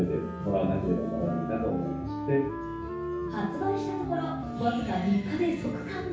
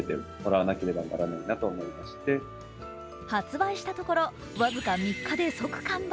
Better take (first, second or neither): second